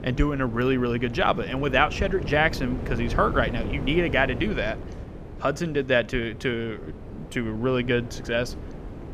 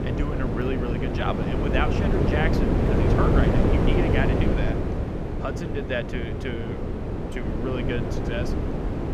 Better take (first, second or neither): first